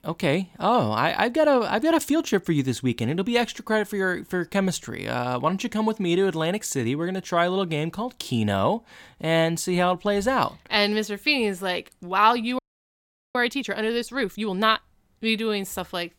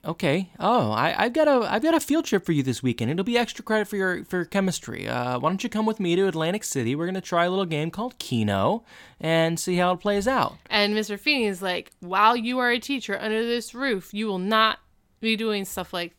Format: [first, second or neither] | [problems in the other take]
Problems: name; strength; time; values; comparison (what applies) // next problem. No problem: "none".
second | audio freezing; at 13 s for 1 s